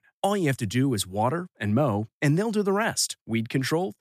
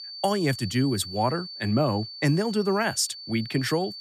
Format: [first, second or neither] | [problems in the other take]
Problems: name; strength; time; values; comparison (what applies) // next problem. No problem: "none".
first | high-pitched whine; noticeable; throughout; 4.5 kHz, 10 dB below the speech